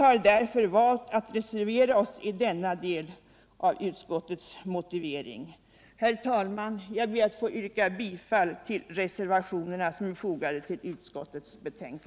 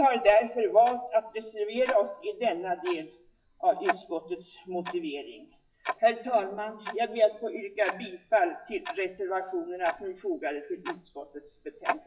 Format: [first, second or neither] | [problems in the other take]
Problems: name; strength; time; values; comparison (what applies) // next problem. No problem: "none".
first | noise reduction (classical method WPE with log-MMSE)